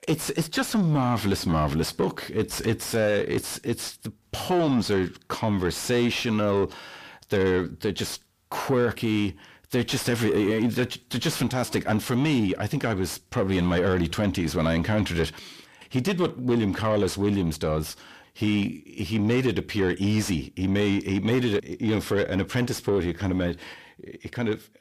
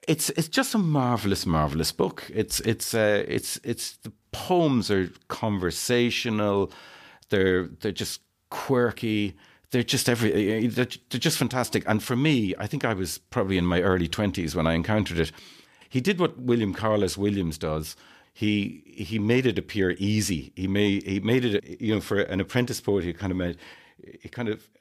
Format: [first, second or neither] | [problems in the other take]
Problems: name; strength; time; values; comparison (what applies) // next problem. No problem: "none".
second | distortion; slight; 10 dB below the speech